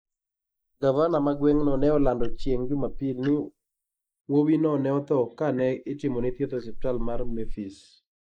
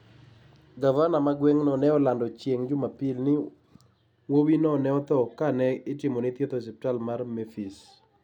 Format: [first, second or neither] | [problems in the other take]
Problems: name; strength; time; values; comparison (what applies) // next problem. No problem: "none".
second | noise reduction (neural mask model Resemble Enhance denoiser)